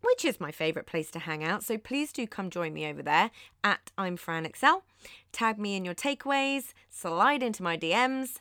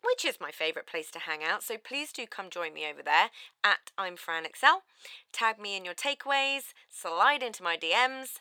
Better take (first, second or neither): first